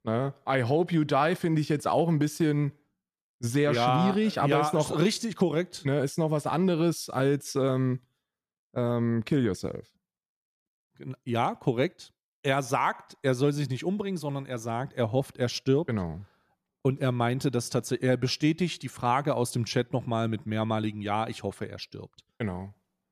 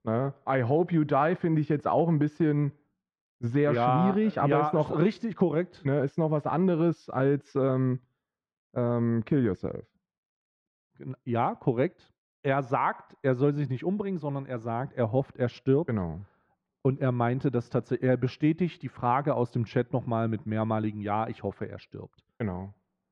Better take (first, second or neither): first